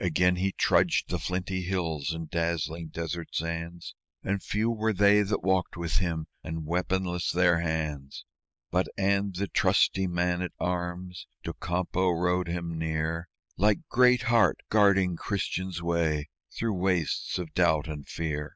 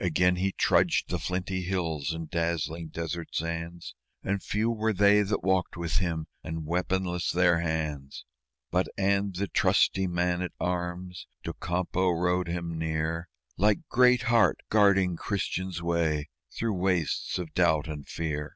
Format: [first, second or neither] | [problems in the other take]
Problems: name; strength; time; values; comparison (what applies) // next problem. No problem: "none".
second | noise reduction (neural mask model Resemble Enhance denoiser)